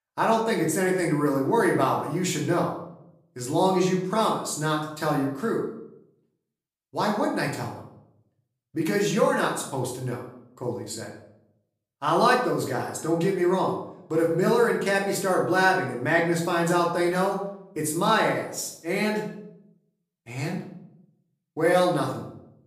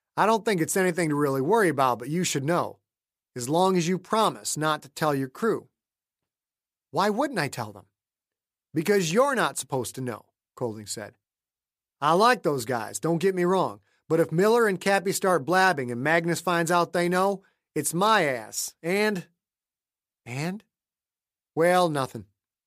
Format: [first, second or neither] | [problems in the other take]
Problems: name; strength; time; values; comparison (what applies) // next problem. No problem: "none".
second | room echo; slight; dies away in 0.6 s // off-mic speech; far